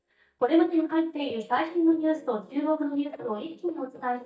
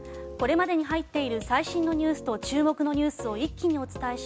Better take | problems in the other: second | noise reduction (neural mask model DeepFilterNet 3)

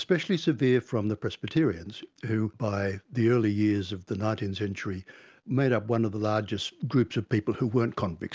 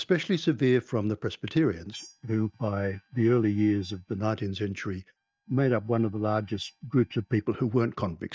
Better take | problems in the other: first | noise reduction (neural mask model DeepFilterNet 3)

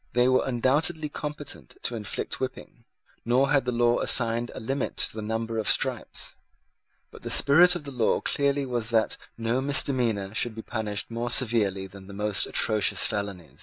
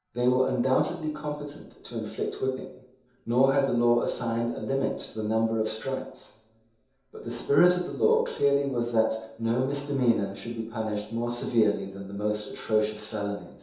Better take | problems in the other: first | room echo; dies away in 0.8 s

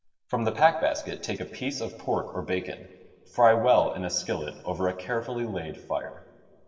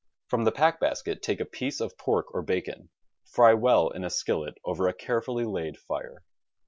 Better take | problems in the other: second | room echo; dies away in 2.6 s

